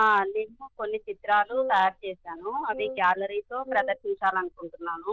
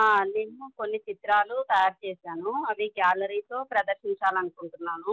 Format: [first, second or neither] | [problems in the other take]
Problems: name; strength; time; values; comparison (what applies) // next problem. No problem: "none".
second | noise reduction (neural diffusion model UNIVERSE++)